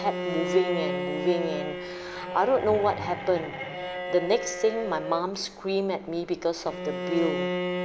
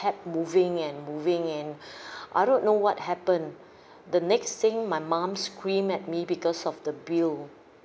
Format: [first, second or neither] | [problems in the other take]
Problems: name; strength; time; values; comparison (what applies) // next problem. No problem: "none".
second | background sound (Bowed string instrument); 5 dB below the speech